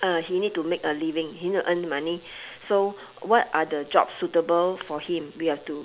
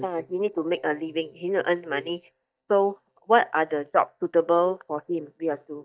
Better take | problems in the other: first | noise reduction (neural mask model DeepFilterNet 3)

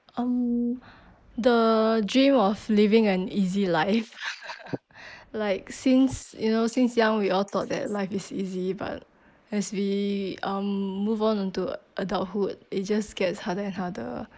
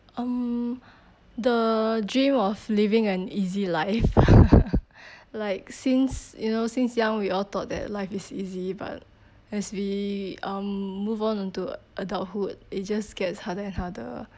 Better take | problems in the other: second | noise reduction (neural mask model Resemble Enhance denoiser)

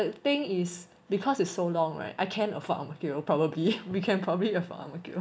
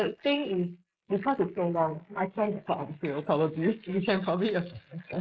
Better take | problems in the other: first | noise reduction (neural mask model Resemble Enhance denoiser)

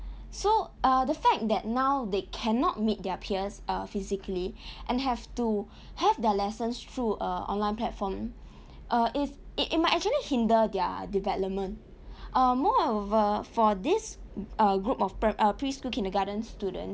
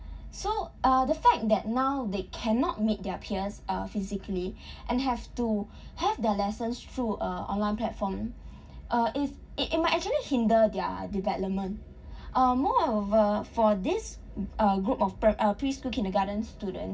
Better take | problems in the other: first | room echo; dies away in 0.4 s

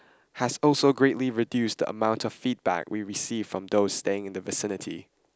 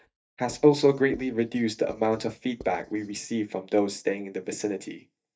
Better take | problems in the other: first | noise reduction (neural mask model DeepFilterNet 3)

